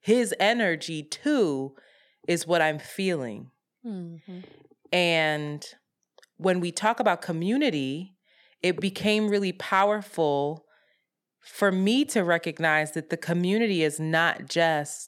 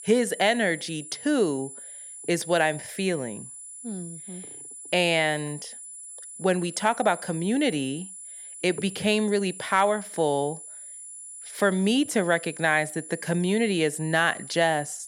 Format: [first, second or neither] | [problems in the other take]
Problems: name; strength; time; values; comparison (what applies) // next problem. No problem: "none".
first | high-pitched whine; noticeable; throughout; 10 kHz, 15 dB below the speech